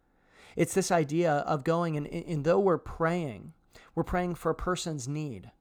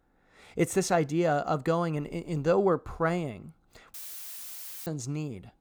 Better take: first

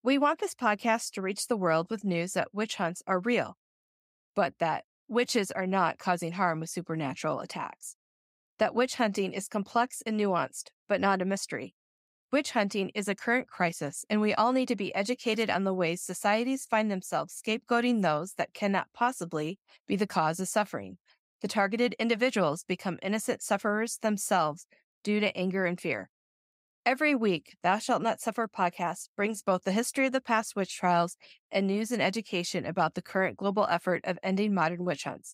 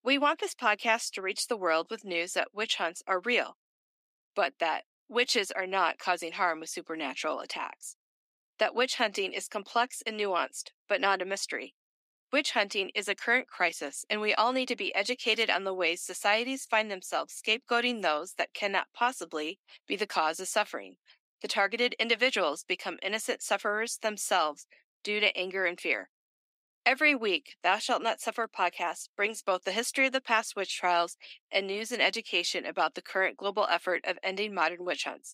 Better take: first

